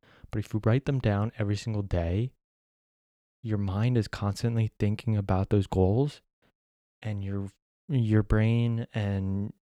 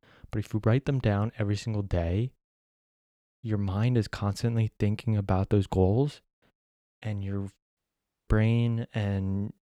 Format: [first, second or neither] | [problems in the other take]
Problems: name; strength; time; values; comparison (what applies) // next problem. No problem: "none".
first | audio cutting out; at 8 s for 0.5 s